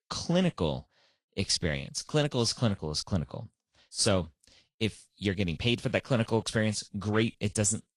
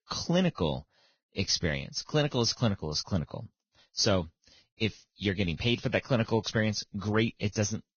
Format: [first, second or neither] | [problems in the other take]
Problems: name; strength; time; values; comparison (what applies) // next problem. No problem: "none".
first | garbled, watery; badly; nothing above 6.5 kHz; slightly in the first